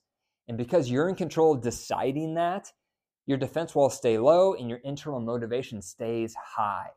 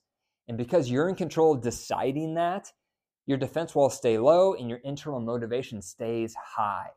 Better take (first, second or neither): neither